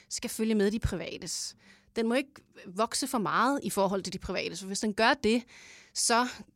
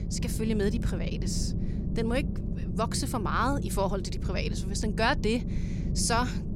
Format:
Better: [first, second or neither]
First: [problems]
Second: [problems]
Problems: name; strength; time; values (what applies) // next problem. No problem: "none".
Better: first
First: none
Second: low rumble; noticeable; throughout; 10 dB below the speech